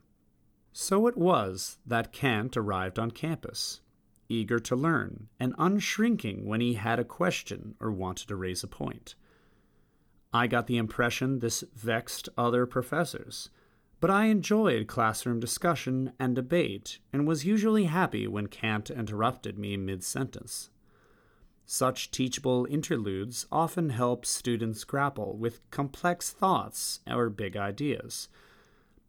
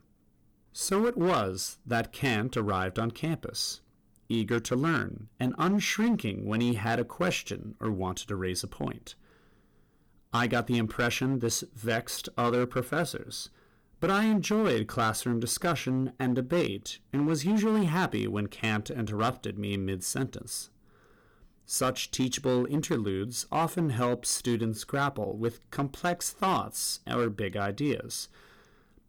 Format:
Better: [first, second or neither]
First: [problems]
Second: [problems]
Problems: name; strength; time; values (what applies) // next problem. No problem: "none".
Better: first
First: none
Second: distortion; slight; 6% of the sound clipped